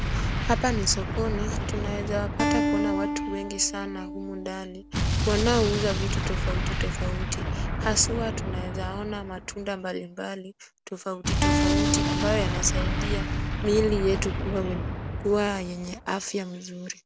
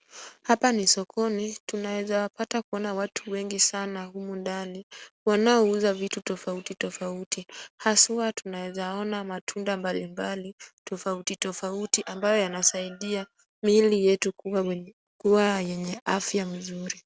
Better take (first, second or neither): second